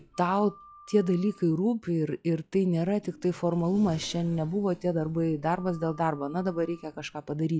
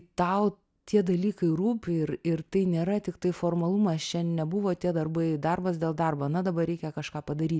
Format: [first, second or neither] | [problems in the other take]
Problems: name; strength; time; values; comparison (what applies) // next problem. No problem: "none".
second | noise reduction (classical method log-MMSE)